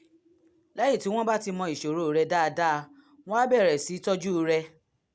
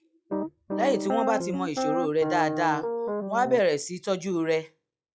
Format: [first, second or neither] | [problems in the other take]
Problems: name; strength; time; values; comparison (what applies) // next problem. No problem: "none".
first | noise reduction (classical method log-MMSE)